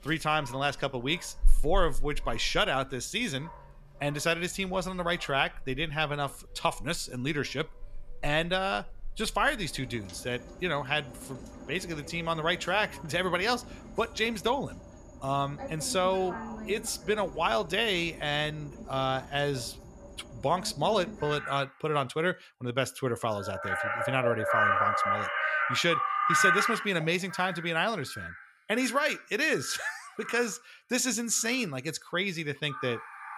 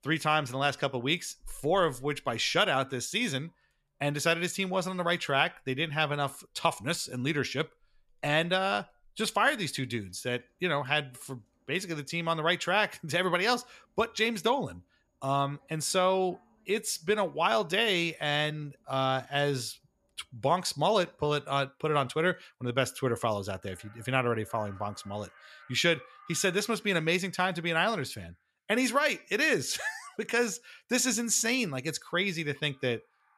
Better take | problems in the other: second | animal sounds; loud; throughout; 2 dB below the speech; faint in the second

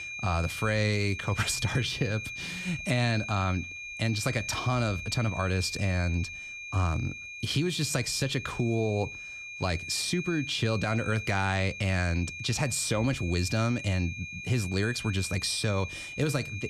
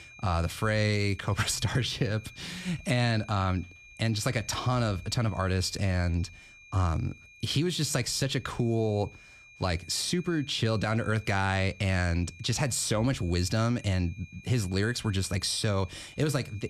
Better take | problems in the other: second | high-pitched whine; loud; throughout; 2.5 kHz, 8 dB below the speech; faint in the second

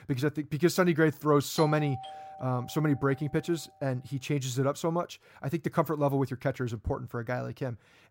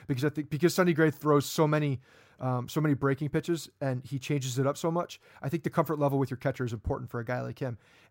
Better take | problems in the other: second | doorbell; noticeable; from 1.5 to 3.5 s; peak 8 dB below the speech

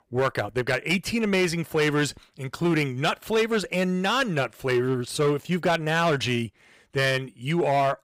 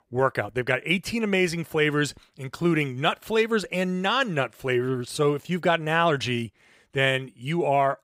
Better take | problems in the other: second | distortion; slight; 8% of the sound clipped

